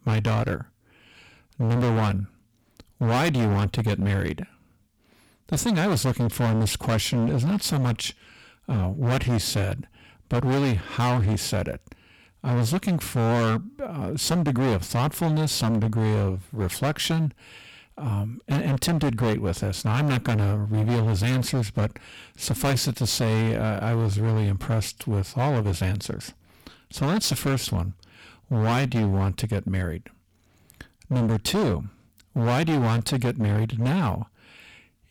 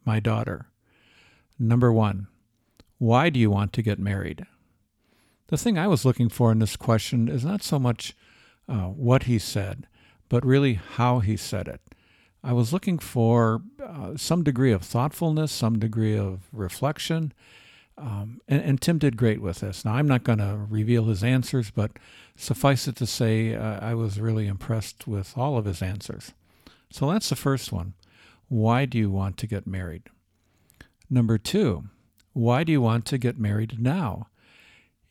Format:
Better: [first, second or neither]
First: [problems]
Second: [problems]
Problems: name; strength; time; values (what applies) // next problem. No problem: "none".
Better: second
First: distortion; heavy; 20% of the sound clipped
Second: none